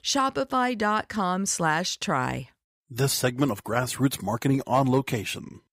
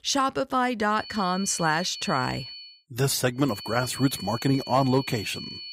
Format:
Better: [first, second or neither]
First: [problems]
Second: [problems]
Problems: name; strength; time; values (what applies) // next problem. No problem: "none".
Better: first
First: none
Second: high-pitched whine; noticeable; from 1 to 2.5 s and from 3.5 s on; 4.5 kHz, 10 dB below the speech